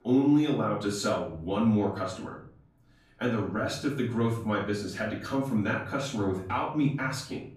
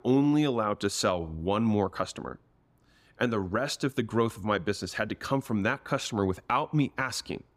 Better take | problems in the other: second | off-mic speech; far // room echo; noticeable; dies away in 0.5 s

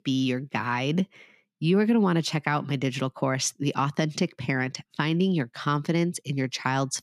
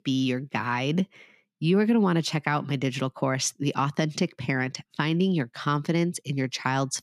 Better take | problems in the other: neither | none

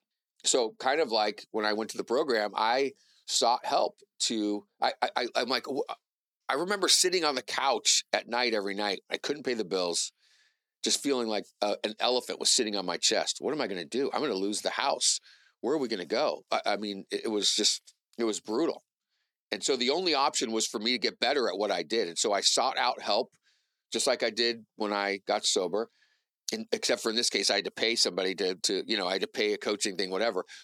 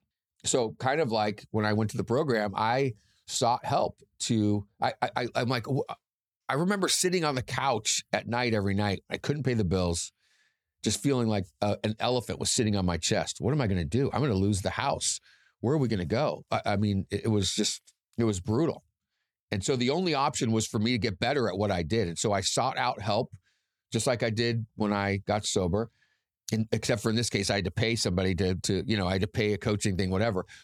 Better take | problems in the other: second | thin; somewhat; fading below 300 Hz

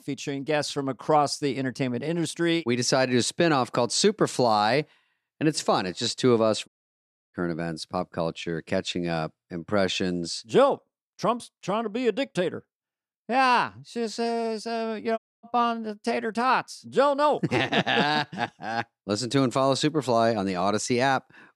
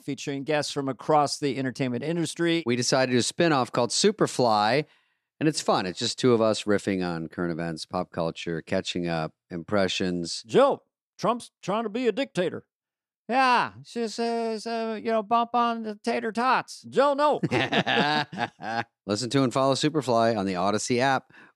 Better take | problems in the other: second | audio cutting out; at 6.5 s for 0.5 s and at 15 s

